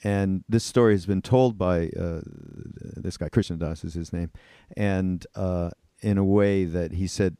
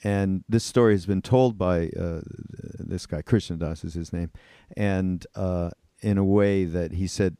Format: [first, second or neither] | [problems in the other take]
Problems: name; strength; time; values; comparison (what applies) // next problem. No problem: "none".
second | audio freezing; at 2.5 s